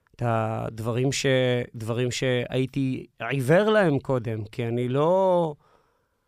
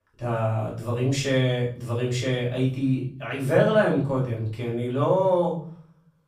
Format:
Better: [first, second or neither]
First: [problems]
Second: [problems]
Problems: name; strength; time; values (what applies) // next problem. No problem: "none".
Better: first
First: none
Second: off-mic speech; far // room echo; slight; dies away in 0.5 s